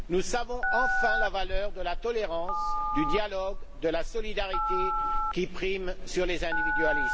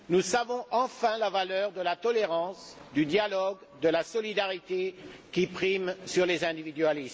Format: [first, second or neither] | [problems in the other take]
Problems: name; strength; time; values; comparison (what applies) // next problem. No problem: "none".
second | background sound (Telephone); 3 dB above the speech